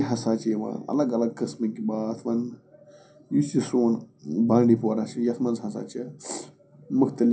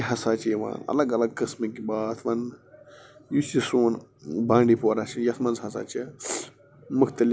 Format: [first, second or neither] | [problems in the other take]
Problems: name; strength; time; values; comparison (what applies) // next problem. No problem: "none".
second | room echo; dies away in 0.3 s